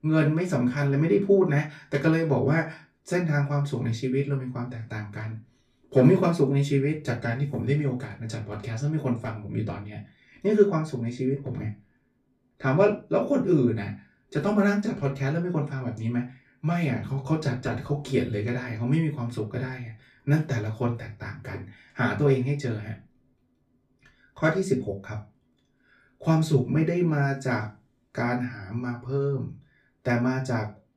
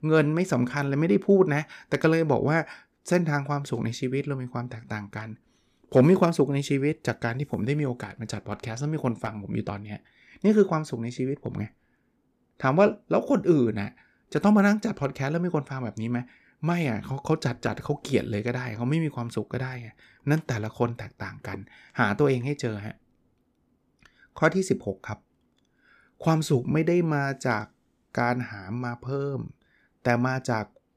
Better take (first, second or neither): second